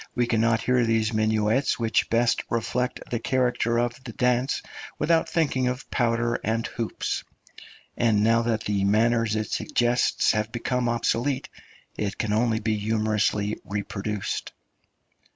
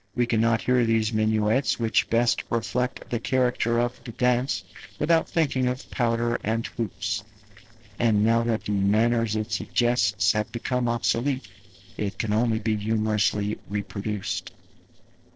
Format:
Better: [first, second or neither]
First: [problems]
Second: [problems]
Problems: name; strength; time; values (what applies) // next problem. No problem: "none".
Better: first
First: none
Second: noise reduction (neural separator model SepFormer DNS4)